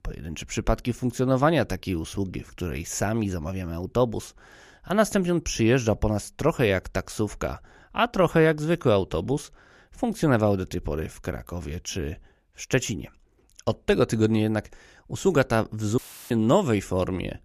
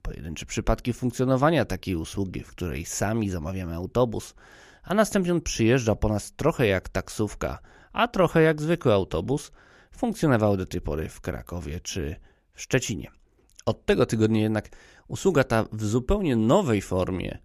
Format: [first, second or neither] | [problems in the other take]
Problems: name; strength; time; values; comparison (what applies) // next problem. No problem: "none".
second | audio cutting out; filled with static; at 16 s